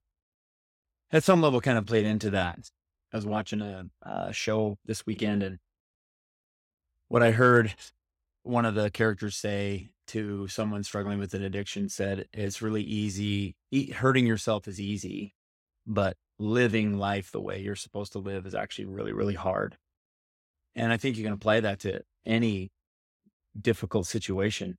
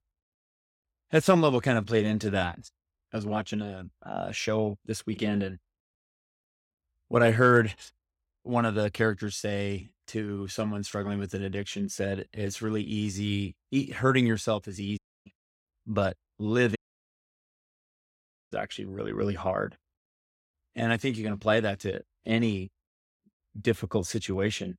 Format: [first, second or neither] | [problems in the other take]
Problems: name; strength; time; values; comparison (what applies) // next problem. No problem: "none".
first | audio cutting out; at 15 s and at 17 s for 2 s